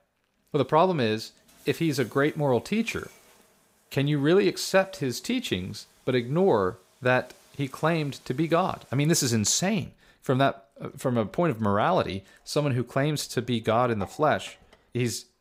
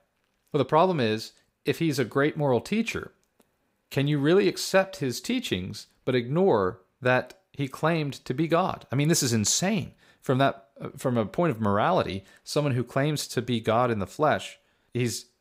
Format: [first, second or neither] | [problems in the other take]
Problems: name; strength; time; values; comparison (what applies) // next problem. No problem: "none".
second | household noises; faint; throughout; 30 dB below the speech